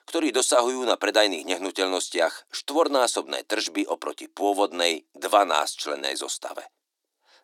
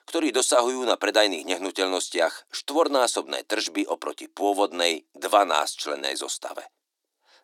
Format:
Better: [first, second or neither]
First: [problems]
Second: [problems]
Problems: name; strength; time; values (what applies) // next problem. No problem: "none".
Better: neither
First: thin; somewhat; fading below 300 Hz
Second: thin; somewhat; fading below 300 Hz